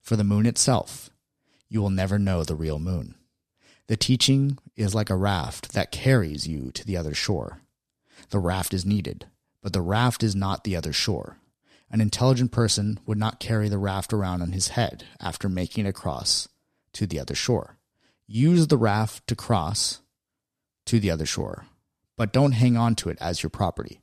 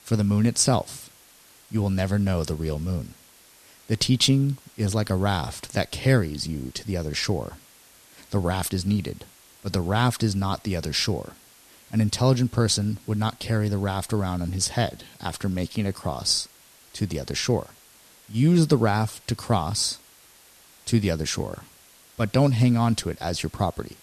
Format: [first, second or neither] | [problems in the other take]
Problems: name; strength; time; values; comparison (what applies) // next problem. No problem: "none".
first | hiss; faint; throughout; 25 dB below the speech